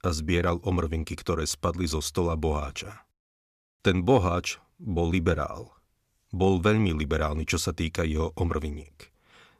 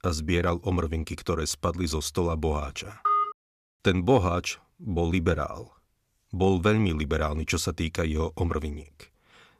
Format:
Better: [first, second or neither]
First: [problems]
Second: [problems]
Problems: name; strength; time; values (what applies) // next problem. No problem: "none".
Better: first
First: none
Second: phone ringing; loud; at 3 s; peak 2 dB above the speech